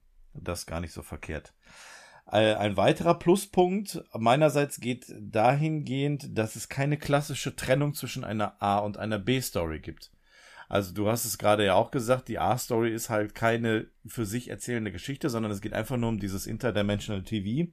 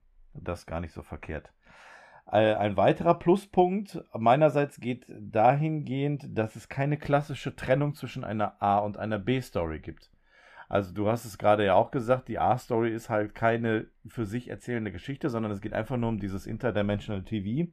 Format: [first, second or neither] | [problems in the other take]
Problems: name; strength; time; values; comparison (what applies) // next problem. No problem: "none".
first | muffled; slightly; fading above 4 kHz